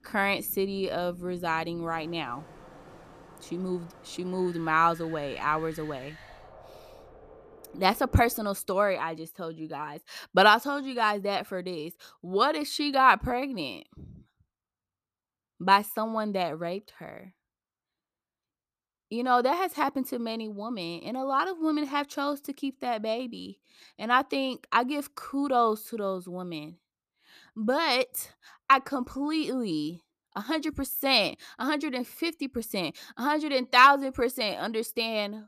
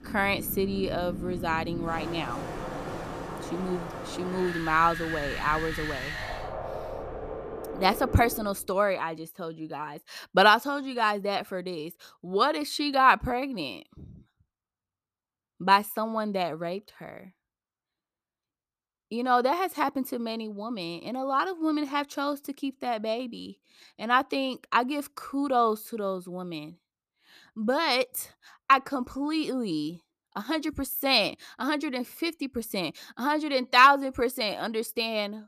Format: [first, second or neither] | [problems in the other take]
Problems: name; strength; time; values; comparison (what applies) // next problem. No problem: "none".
first | wind in the background; loud; until 8.5 s; 9 dB below the speech; faint in the first